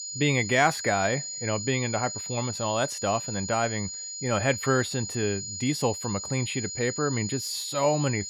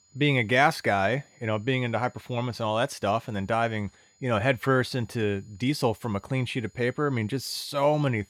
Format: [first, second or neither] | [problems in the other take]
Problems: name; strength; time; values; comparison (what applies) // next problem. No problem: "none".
second | high-pitched whine; loud; throughout; 7 kHz, 6 dB below the speech; faint in the second